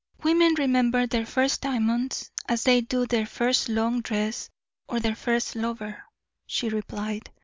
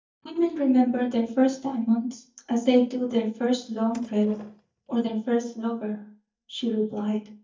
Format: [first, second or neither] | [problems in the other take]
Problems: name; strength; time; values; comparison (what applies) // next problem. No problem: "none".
first | noise reduction (neural mask model DeepFilterNet 3)